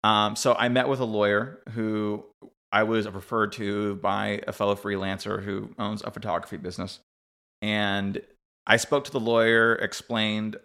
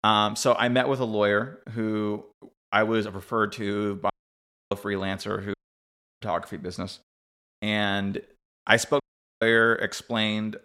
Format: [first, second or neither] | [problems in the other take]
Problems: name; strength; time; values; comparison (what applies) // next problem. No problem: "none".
first | audio cutting out; at 4 s for 0.5 s, at 5.5 s for 0.5 s and at 9 s